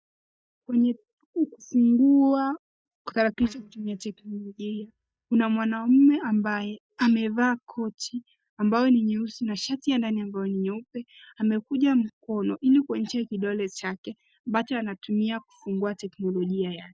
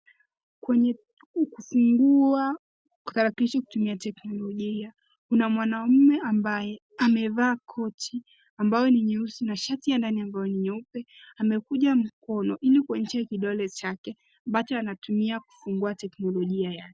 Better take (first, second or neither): second